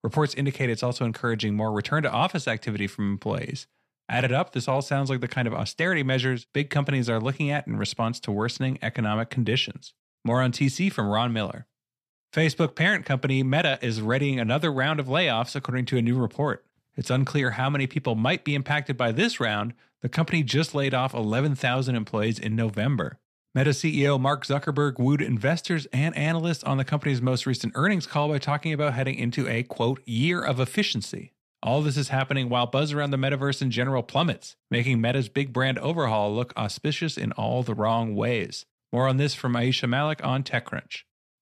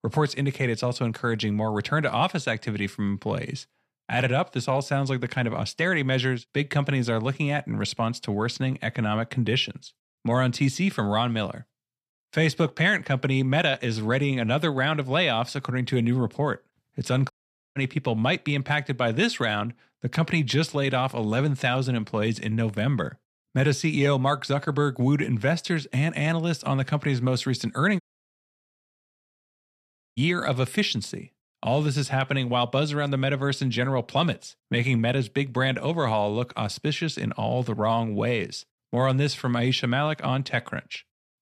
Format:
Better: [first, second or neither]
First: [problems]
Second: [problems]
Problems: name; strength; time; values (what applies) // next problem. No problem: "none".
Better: first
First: none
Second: audio cutting out; at 17 s and at 28 s for 2 s